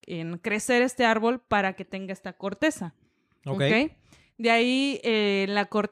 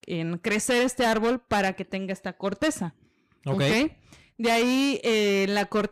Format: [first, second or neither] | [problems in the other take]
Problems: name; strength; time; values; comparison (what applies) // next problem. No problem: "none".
first | distortion; heavy; 13% of the sound clipped